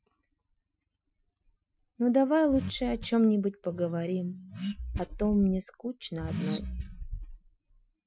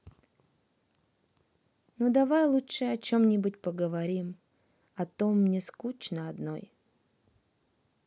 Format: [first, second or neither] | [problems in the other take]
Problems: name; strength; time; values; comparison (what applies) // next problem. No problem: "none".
second | noise reduction (classical method Wiener filter)